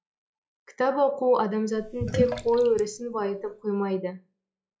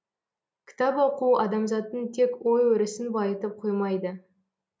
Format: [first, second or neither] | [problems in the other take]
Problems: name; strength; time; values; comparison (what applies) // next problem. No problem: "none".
second | noise reduction (classical method log-MMSE)